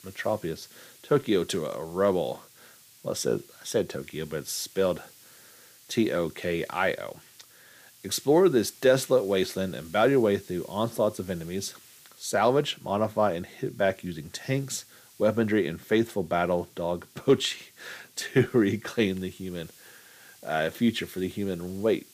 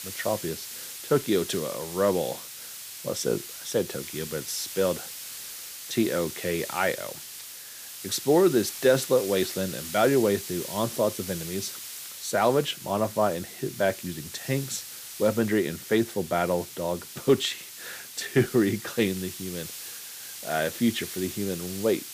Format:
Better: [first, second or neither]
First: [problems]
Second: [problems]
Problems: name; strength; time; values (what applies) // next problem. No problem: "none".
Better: first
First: hiss; faint; throughout; 25 dB below the speech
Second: hiss; loud; throughout; 10 dB below the speech